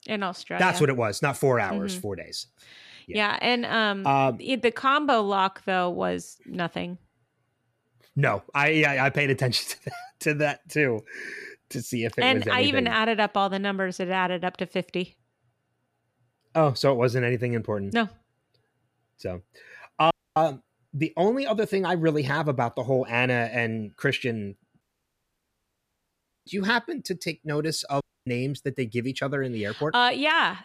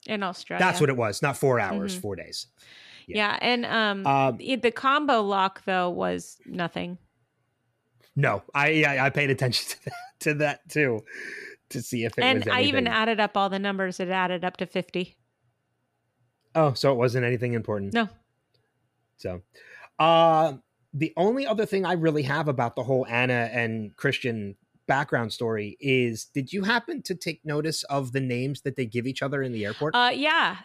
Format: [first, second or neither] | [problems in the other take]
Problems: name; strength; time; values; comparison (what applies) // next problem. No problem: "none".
second | audio cutting out; at 20 s, at 25 s for 1.5 s and at 28 s